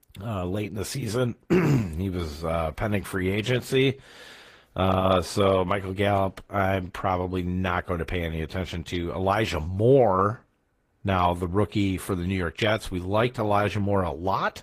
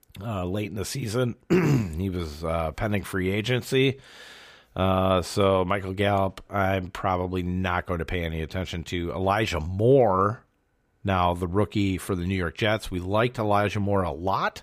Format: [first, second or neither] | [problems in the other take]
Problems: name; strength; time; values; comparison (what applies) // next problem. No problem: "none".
second | garbled, watery; slightly; nothing above 15 kHz